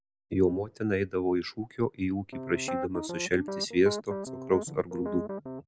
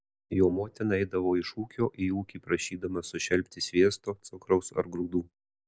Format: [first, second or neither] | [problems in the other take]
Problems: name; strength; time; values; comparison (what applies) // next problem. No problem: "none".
second | background sound (Piano); 7 dB below the speech